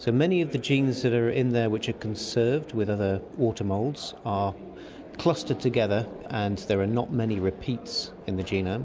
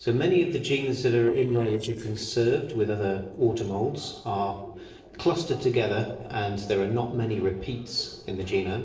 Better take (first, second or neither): first